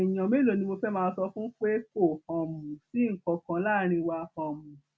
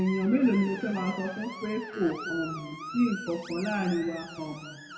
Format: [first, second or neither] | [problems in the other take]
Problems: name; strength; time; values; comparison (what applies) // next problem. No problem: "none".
first | background sound (Screech); 12 dB below the speech // room echo; dies away in 1.7 s